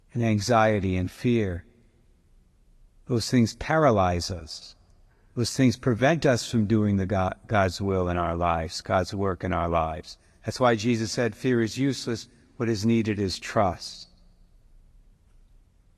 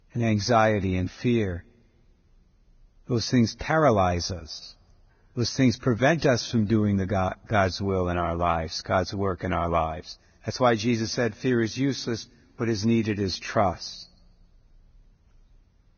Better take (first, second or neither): first